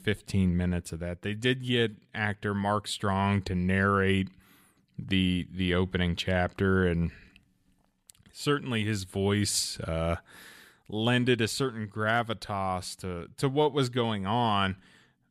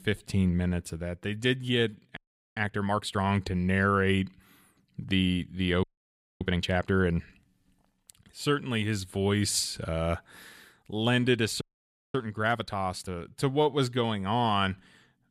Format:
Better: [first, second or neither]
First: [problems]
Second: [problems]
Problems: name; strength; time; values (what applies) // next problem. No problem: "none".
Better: first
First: none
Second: audio freezing; at 2 s, at 6 s for 0.5 s and at 12 s for 0.5 s